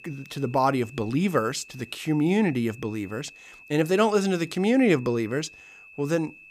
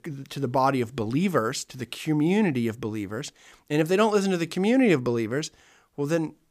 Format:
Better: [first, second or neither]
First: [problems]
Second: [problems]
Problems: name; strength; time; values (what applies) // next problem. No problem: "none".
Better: second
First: high-pitched whine; faint; throughout; 2.5 kHz, 20 dB below the speech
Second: none